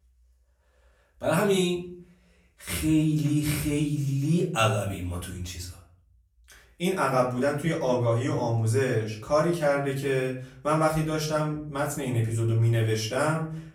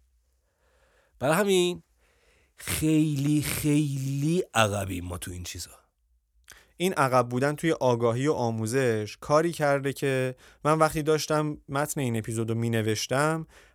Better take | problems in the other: second | off-mic speech; far // room echo; slight; dies away in 0.5 s

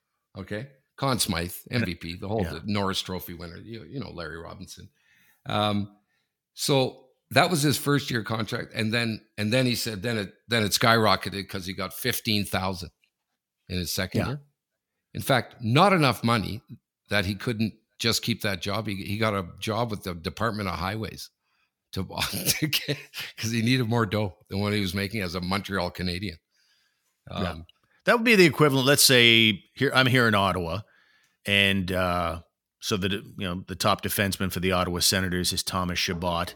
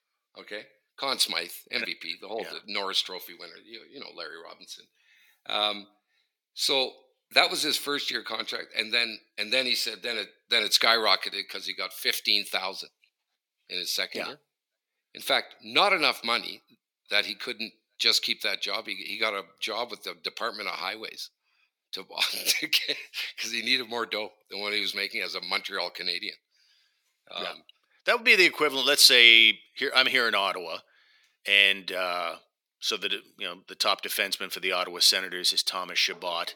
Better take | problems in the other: first | thin; somewhat; fading below 350 Hz

